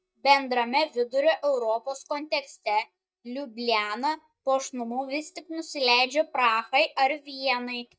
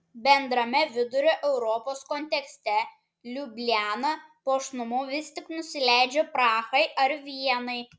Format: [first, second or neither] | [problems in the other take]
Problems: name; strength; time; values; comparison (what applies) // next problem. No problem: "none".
second | noise reduction (neural mask model DeepFilterNet 3)